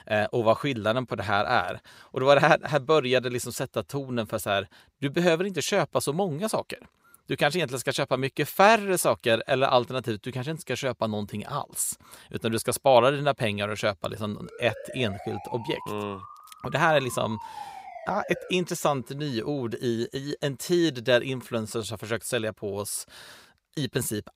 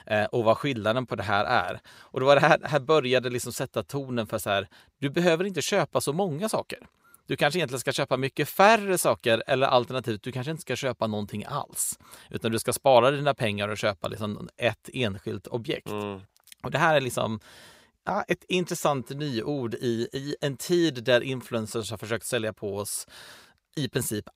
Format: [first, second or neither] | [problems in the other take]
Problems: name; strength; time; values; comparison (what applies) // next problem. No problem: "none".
second | siren; faint; from 14 to 19 s; peak 15 dB below the speech